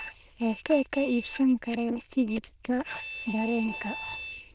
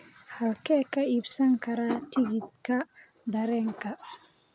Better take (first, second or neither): second